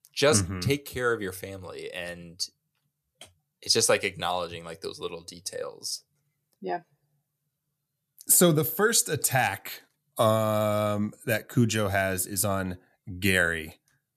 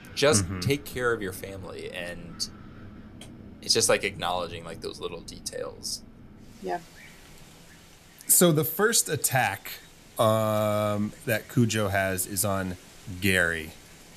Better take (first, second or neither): first